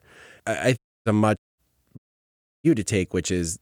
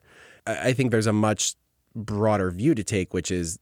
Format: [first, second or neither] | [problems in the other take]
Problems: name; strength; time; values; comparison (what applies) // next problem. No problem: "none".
second | audio cutting out; at 1 s, at 1.5 s and at 2 s for 0.5 s